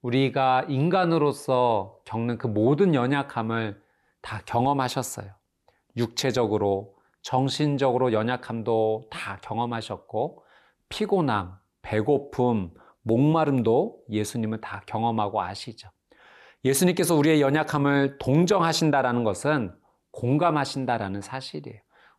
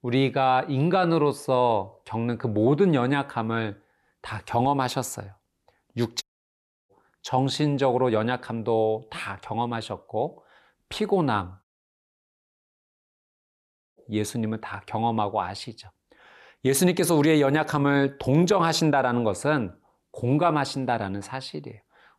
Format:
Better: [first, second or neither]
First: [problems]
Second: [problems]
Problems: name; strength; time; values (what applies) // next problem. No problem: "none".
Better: first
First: none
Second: audio cutting out; at 6 s for 0.5 s and at 12 s for 2.5 s